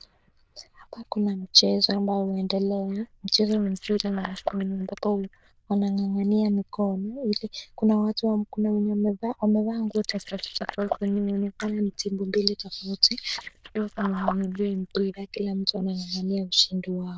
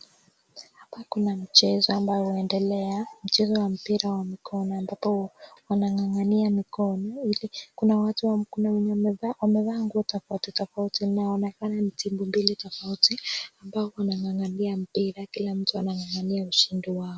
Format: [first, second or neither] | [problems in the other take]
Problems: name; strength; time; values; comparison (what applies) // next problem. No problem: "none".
second | noise reduction (neural diffusion model UNIVERSE++)